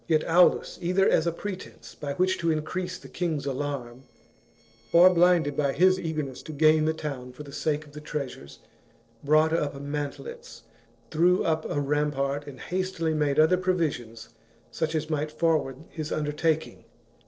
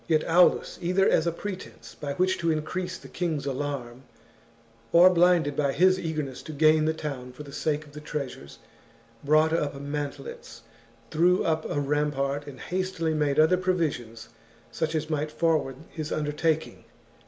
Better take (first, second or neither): second